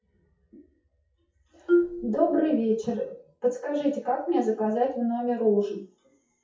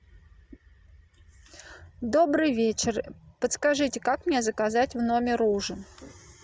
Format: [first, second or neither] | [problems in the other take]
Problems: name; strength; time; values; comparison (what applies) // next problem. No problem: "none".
second | noise reduction (classical method WPE with log-MMSE)